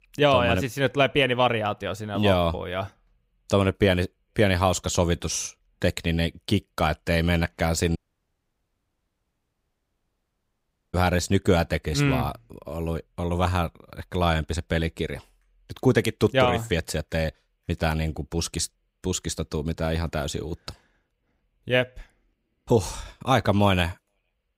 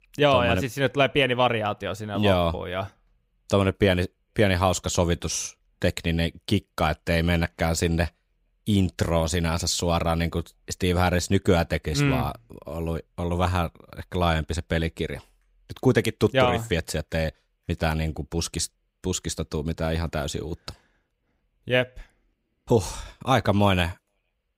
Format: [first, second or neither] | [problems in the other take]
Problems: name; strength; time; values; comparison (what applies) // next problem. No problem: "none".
second | audio cutting out; at 8 s for 3 s